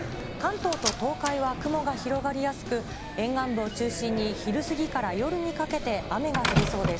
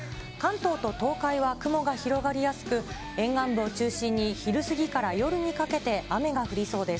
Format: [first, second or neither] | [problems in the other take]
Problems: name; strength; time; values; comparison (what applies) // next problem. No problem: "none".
second | background sound (Slam); 5 dB below the speech